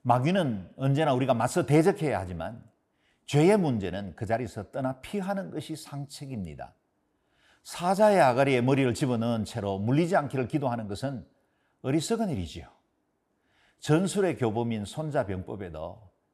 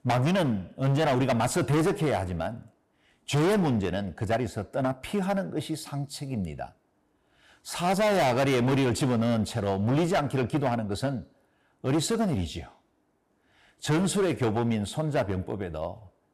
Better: first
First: none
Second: distortion; heavy; 13% of the sound clipped

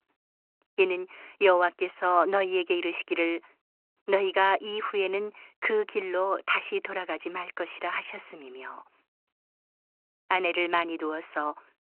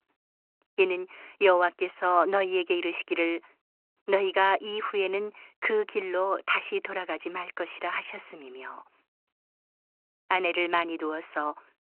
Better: neither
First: phone-call audio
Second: phone-call audio

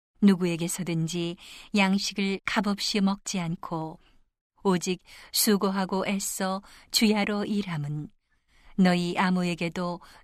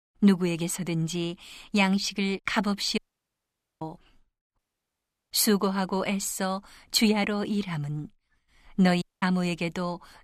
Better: first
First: none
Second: audio cutting out; at 3 s for 1 s, at 4.5 s for 0.5 s and at 9 s

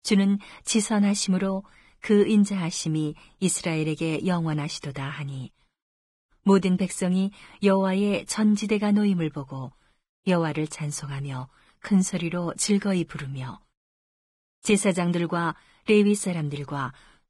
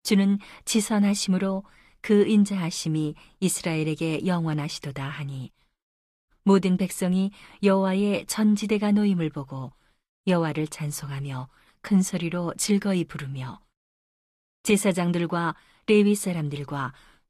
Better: second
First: garbled, watery; badly; nothing above 10 kHz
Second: garbled, watery; slightly

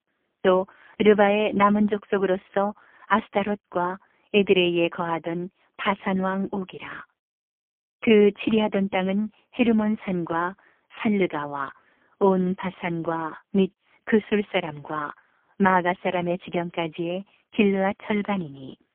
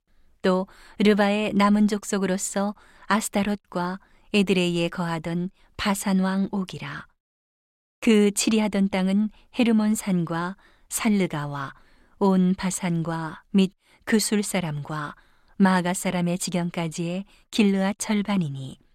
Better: second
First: phone-call audio; poor line; nothing above 3 kHz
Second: none

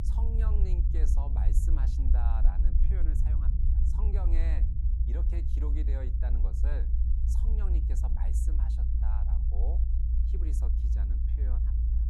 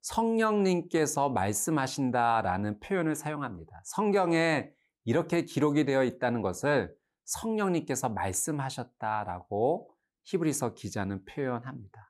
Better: second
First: low rumble; loud; throughout; as loud as the speech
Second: none

